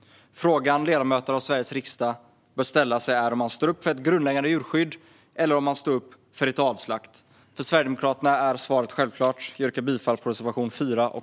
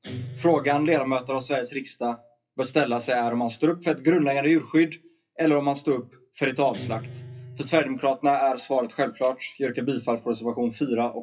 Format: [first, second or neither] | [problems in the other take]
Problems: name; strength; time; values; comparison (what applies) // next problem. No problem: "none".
first | noise reduction (classical method WPE with log-MMSE)